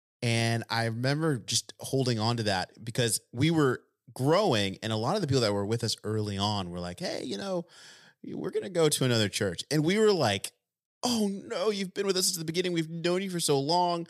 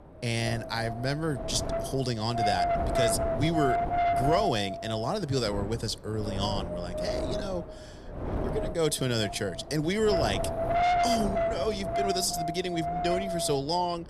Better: first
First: none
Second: wind noise on the microphone; heavy; 2 dB above the speech

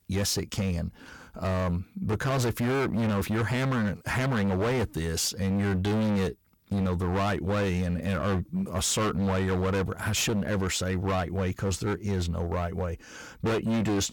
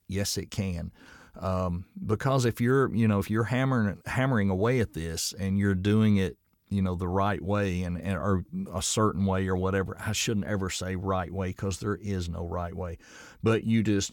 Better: second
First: distortion; heavy; 24% of the sound clipped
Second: none

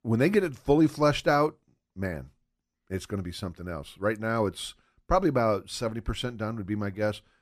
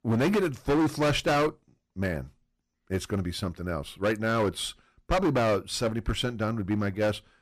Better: first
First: none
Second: distortion; heavy; 11% of the sound clipped

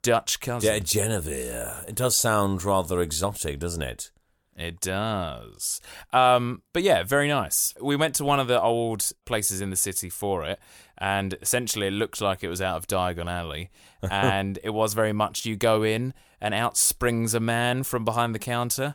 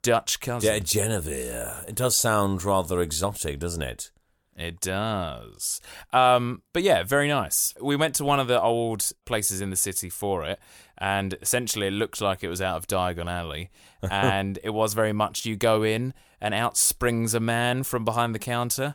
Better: neither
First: none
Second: none

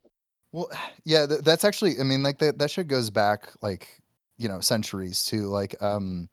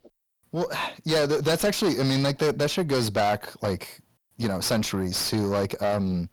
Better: first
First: none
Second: distortion; heavy; 6 dB below the speech

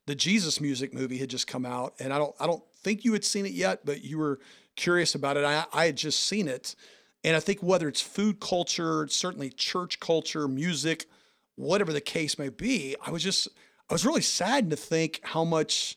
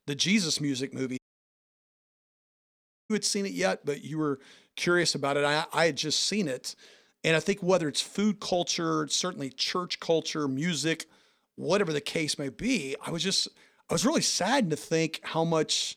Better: first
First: none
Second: audio cutting out; at 1 s for 2 s

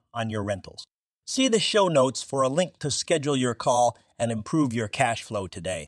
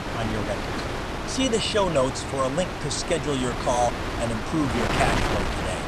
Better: first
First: none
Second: wind noise on the microphone; heavy; 2 dB below the speech

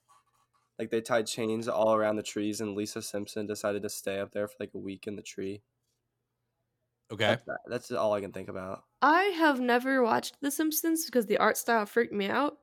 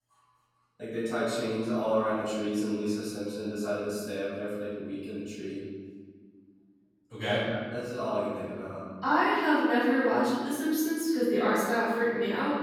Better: first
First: none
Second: off-mic speech; far // room echo; strong; dies away in 1.5 s

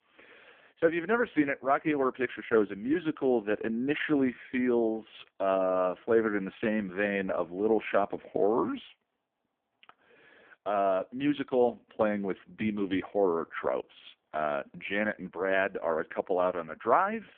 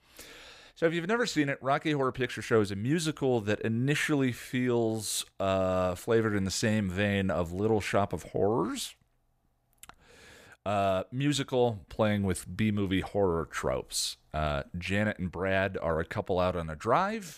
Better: second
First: phone-call audio; poor line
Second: none

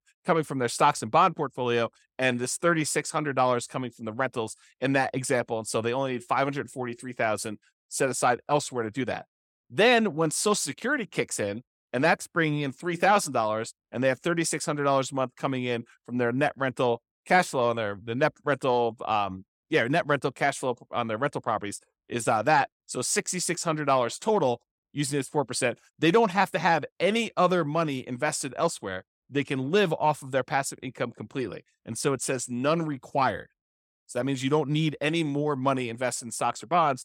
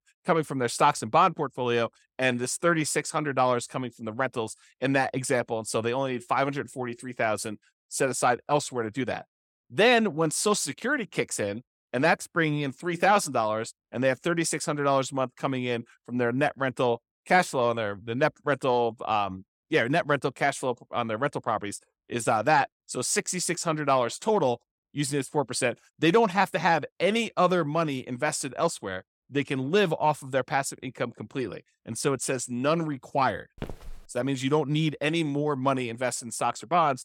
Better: first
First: none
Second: footsteps; faint; at 34 s; peak 15 dB below the speech

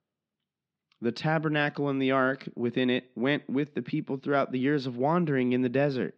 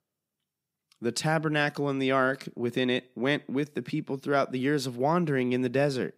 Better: second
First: muffled; very slightly; fading above 4 kHz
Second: none

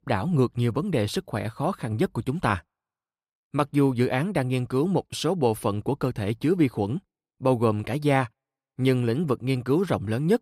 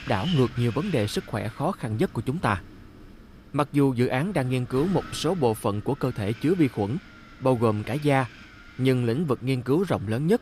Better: first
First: none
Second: wind noise on the microphone; occasional gusts; 15 dB below the speech

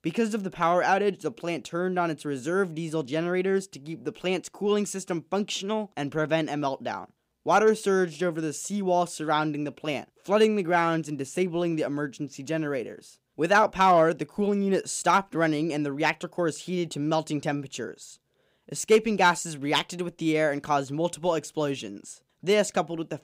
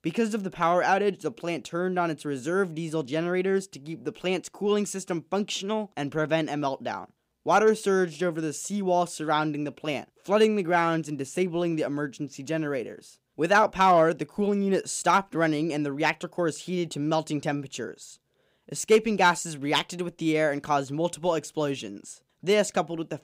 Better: neither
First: none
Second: none

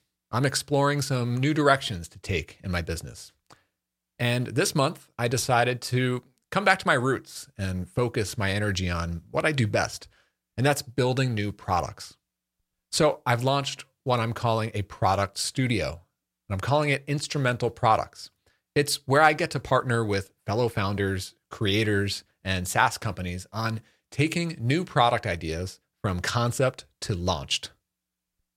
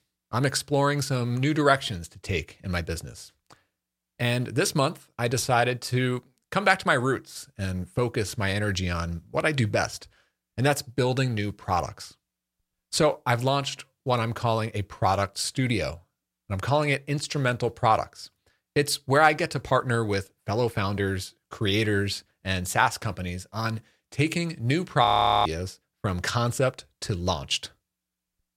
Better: first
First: none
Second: audio freezing; at 25 s

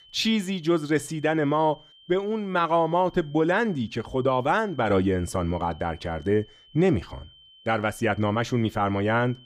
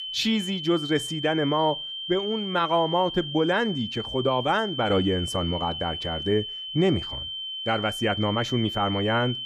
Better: first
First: high-pitched whine; faint; throughout; 3 kHz, 25 dB below the speech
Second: high-pitched whine; loud; throughout; 3 kHz, 6 dB below the speech

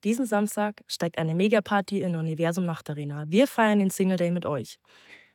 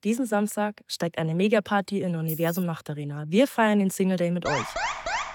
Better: first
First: none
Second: jangling keys; noticeable; at 2.5 s; peak 9 dB below the speech // alarm; noticeable; at 4.5 s; peak 2 dB below the speech

